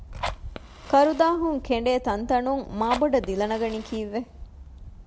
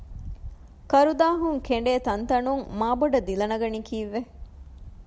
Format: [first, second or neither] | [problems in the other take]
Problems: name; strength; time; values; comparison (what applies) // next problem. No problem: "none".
second | background sound (Fire); 14 dB below the speech